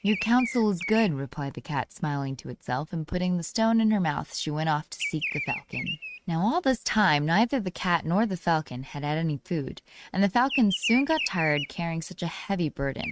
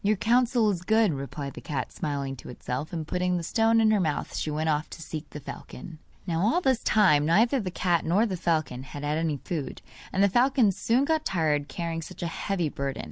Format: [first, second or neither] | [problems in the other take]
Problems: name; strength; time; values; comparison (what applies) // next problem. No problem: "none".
second | noise reduction (neural mask model RNNoise)